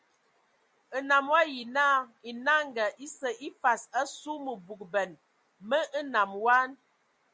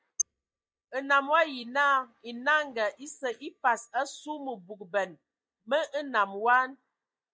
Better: first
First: none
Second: noise reduction (neural mask model DeepFilterNet 3)

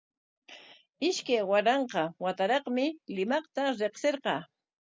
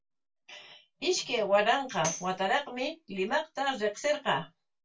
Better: first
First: none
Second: background sound (Tambourine); 11 dB below the speech // room echo; dies away in 0.2 s

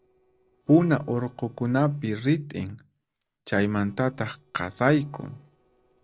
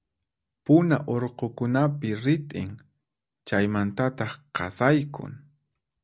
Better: second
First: noise reduction (neural separator model SepFormer DNS4)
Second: none

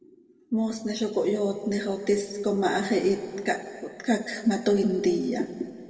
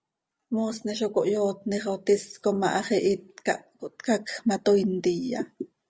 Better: second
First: room echo; dies away in 2.2 s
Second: none

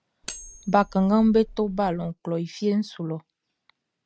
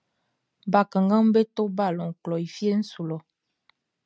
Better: second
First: background sound (Cutlery, silverware); 18 dB below the speech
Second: none

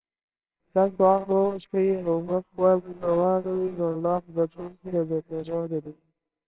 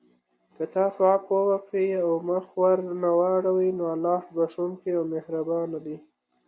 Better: second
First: noise reduction (neural separator model SepFormer WHAMR!)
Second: none

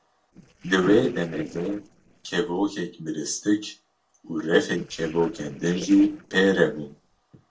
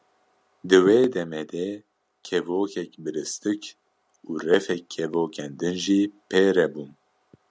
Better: second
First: noise reduction (neural separator model SepFormer DNS4)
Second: none

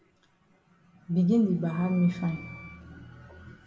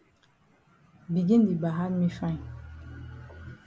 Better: second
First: background sound (Wind instrument, woodwind instrument); 20 dB below the speech // room echo; dies away in 1.7 s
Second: none

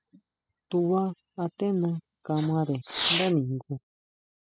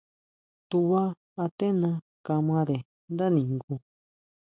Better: second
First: noise reduction (classical method spectral subtraction)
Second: none

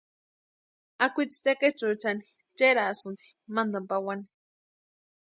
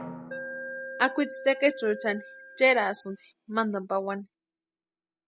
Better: first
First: none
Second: background sound (Alarm + Drum); 13 dB below the speech

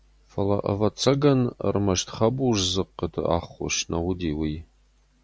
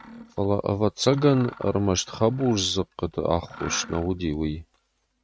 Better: first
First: none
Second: noise reduction (neural mask model RNNoise)

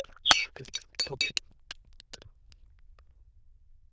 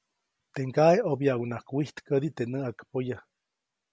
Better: second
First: noise reduction (neural diffusion model UNIVERSE++)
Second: none

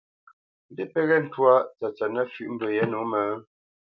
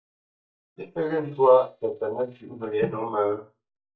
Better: first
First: none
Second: noise reduction (neural mask model DeepFilterNet 3)

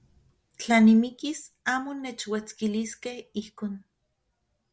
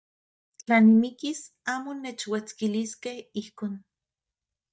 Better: first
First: none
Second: noise reduction (neural mask model DeepFilterNet 3)

